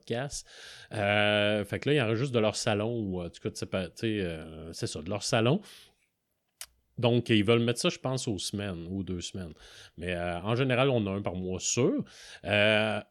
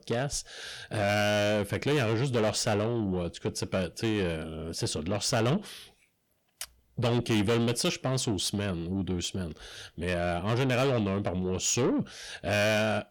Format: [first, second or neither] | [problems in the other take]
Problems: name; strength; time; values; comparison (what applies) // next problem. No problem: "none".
first | distortion; heavy; 7 dB below the speech